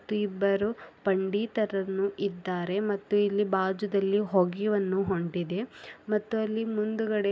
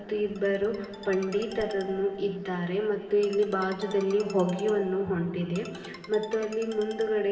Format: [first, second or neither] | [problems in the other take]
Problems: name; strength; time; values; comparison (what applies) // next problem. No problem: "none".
first | background sound (Ringtone); 18 dB below the speech // room echo; dies away in 2.4 s